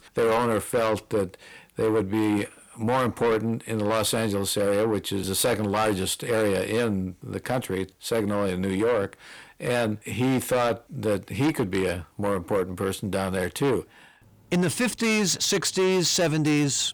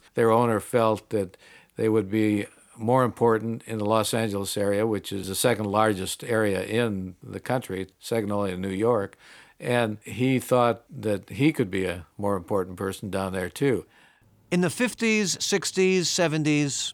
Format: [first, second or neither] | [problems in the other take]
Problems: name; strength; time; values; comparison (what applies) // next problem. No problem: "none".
second | distortion; heavy; 7 dB below the speech